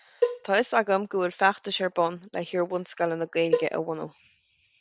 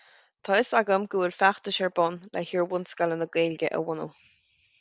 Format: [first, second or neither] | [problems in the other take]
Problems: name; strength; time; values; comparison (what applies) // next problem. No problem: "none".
second | background sound (Cowbell); 4 dB below the speech